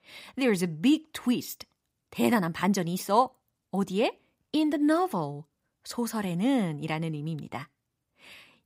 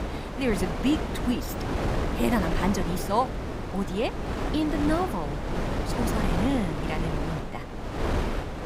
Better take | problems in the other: first | wind noise on the microphone; heavy; 2 dB below the speech

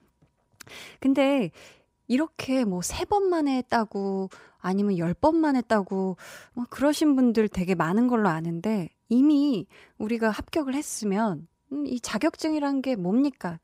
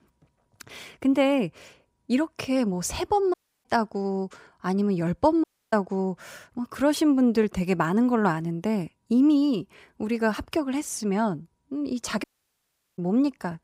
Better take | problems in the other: first | audio cutting out; at 3.5 s, at 5.5 s and at 12 s for 0.5 s

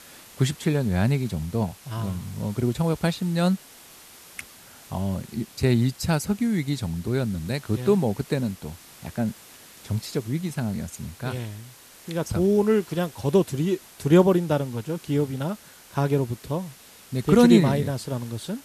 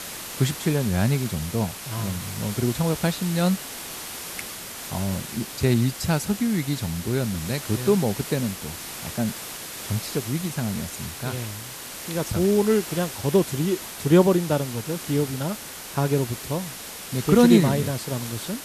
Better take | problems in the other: first | hiss; loud; throughout; 9 dB below the speech; faint in the first

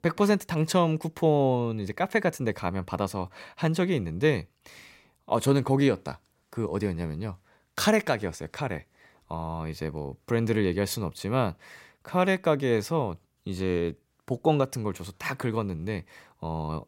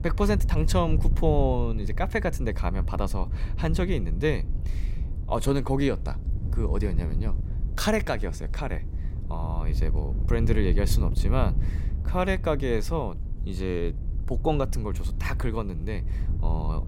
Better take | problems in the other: first | wind noise on the microphone; occasional gusts; 15 dB below the speech

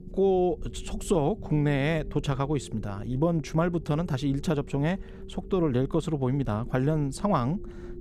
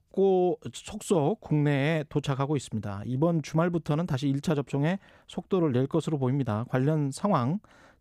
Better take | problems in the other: second | low rumble; noticeable; throughout; 20 dB below the speech

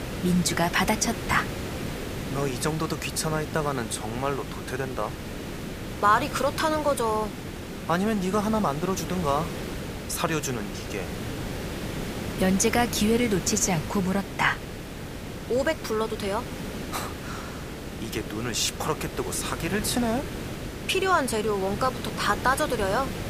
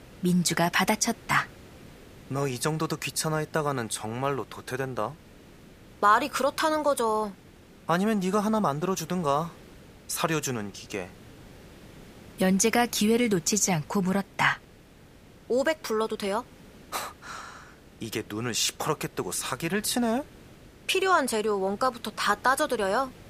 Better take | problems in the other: second | hiss; loud; throughout; 8 dB below the speech; faint in the second

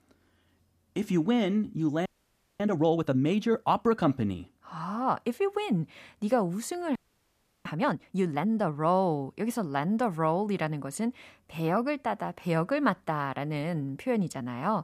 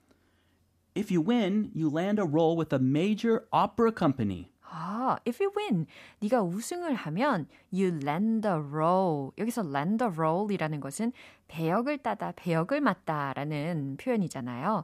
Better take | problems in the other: second | audio freezing; at 2 s for 0.5 s and at 7 s for 0.5 s

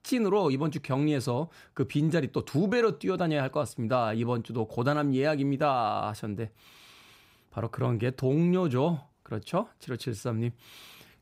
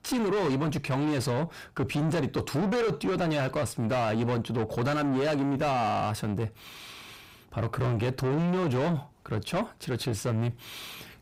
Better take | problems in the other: first | distortion; heavy; 6 dB below the speech

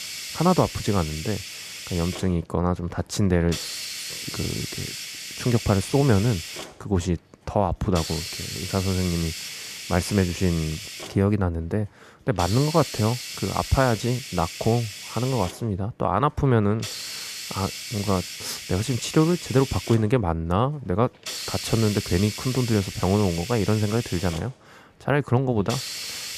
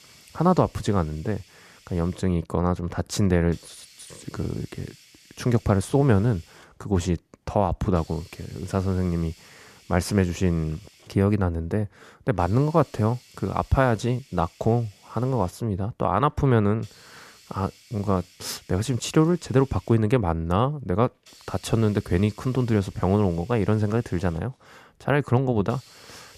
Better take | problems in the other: second | hiss; loud; throughout; 8 dB below the speech; faint in the second

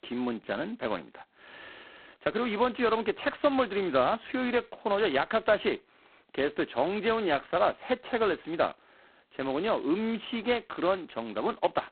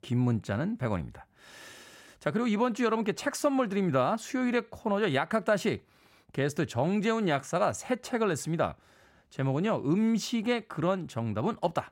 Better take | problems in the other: second | phone-call audio; poor line; nothing above 4 kHz

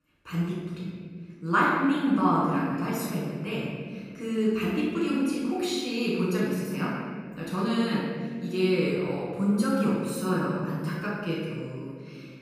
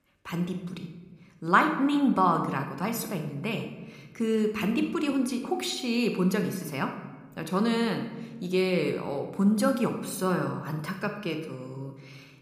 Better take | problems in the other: second | room echo; strong; dies away in 1.9 s; slight in the second // off-mic speech; far

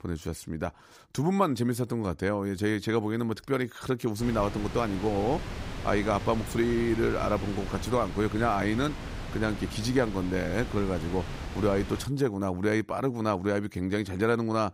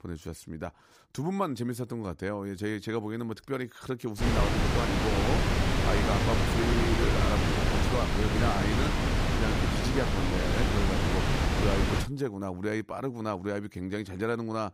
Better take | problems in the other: first | wind noise on the microphone; heavy; from 4 to 12 s; 4 dB above the speech; occasional gusts in the first

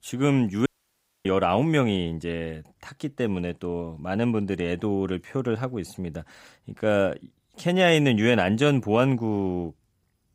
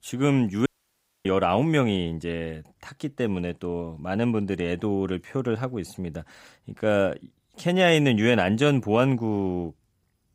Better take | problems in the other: neither | audio cutting out; at 0.5 s for 0.5 s; the same in both

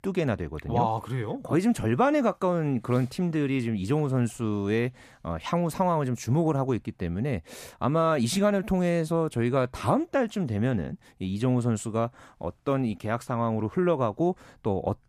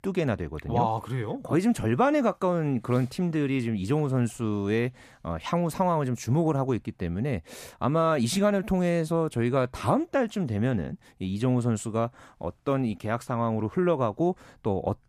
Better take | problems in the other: neither | none

